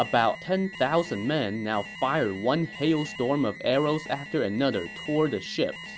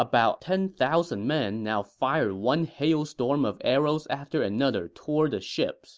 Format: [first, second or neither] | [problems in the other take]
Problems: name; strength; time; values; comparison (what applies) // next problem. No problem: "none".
second | background sound (Alarm); 14 dB below the speech